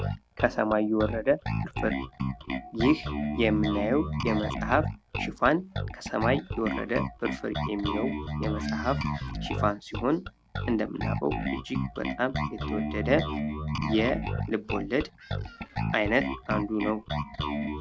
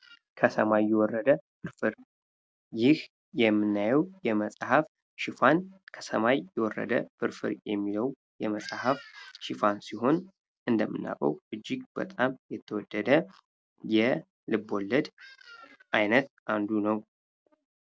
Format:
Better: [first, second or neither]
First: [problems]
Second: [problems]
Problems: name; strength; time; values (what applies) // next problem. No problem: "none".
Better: second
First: background sound (Bass guitar); 2 dB below the speech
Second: none